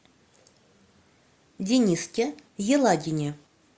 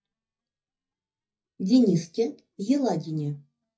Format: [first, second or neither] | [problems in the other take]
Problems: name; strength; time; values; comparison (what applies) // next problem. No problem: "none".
first | noise reduction (neural mask model DeepFilterNet 3)